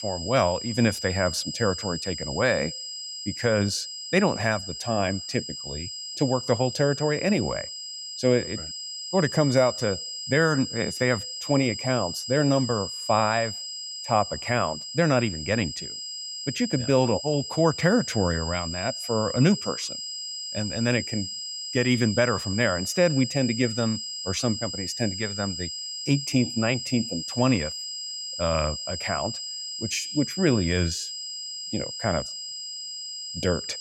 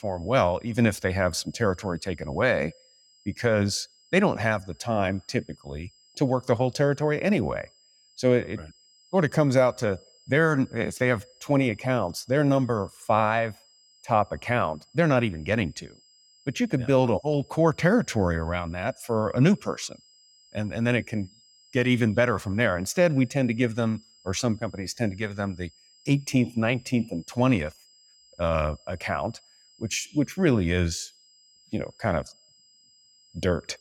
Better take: second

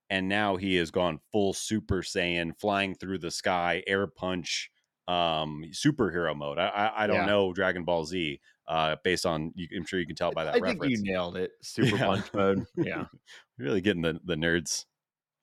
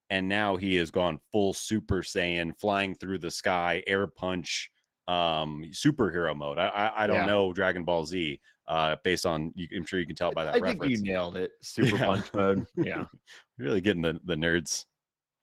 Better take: first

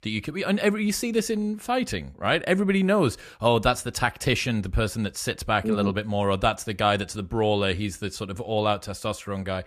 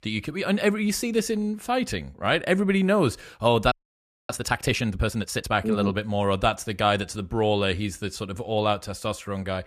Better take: first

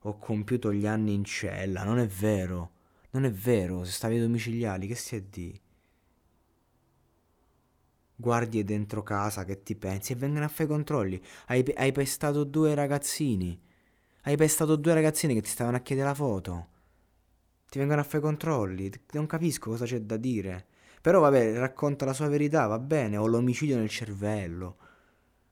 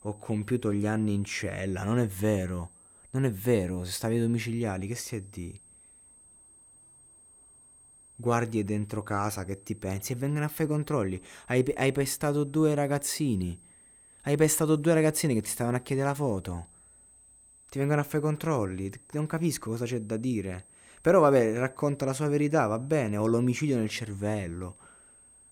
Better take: first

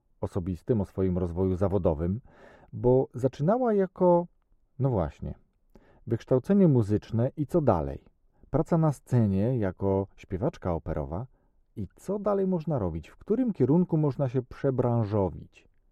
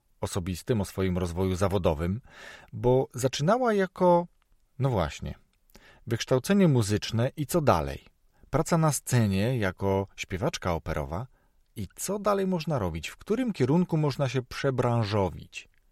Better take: second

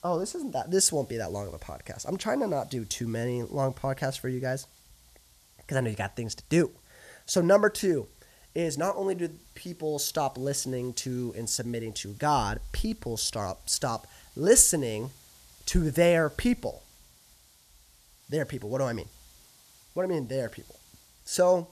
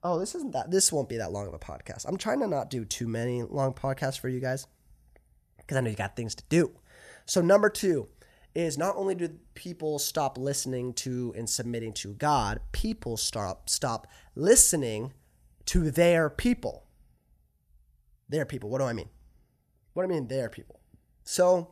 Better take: second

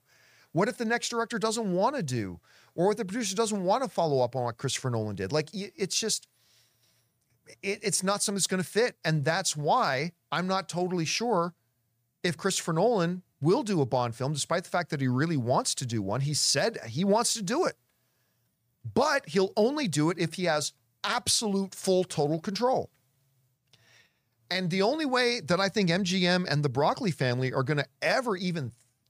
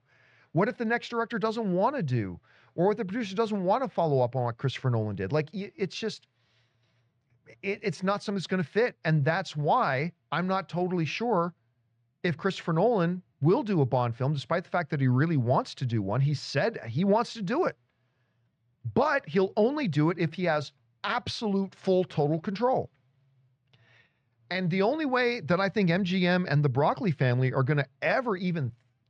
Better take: first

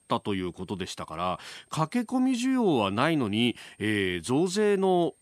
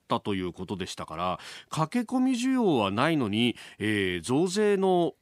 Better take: second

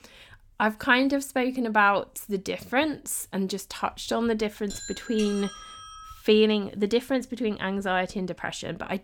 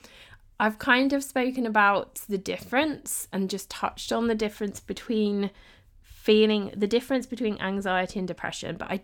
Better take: second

